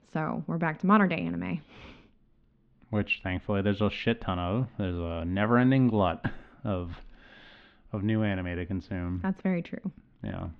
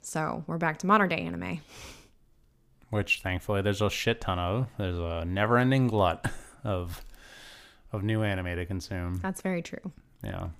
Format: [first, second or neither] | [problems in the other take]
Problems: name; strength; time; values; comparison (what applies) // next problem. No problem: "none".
second | muffled; slightly; fading above 3.5 kHz